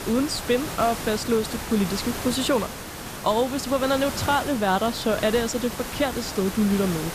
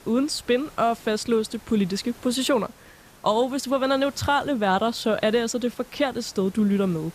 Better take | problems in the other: second | hiss; loud; throughout; 8 dB below the speech; faint in the second

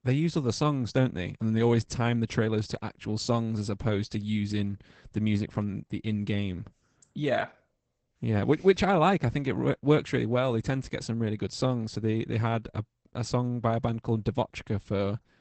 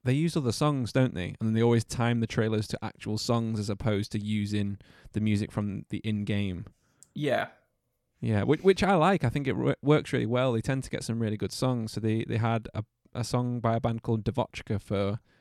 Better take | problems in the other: second | garbled, watery; badly; nothing above 8 kHz

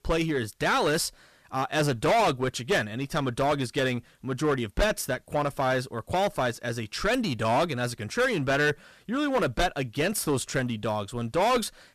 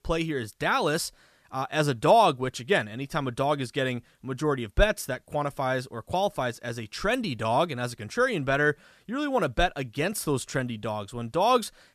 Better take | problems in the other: second | distortion; heavy; 10% of the sound clipped

